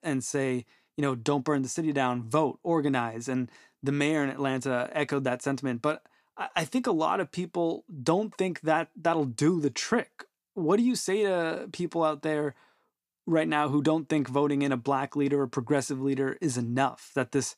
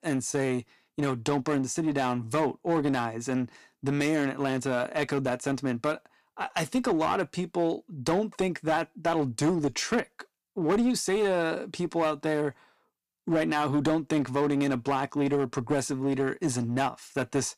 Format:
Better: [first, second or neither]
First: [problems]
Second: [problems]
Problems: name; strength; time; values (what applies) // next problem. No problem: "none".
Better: first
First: none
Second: distortion; slight; 8% of the sound clipped